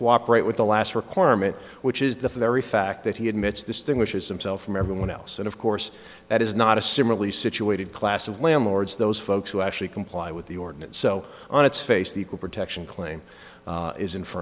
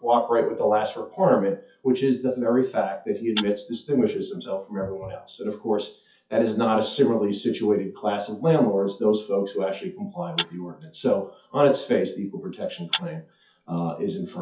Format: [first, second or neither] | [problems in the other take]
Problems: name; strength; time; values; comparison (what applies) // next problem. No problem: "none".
first | noise reduction (classical method WPE with log-MMSE)